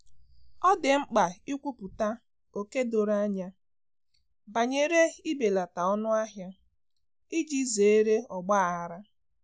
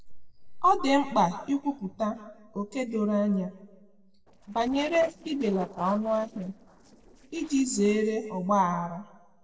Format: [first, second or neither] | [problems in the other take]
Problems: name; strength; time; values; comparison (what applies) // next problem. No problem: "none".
first | noise reduction (neural separator model SepFormer DNS4)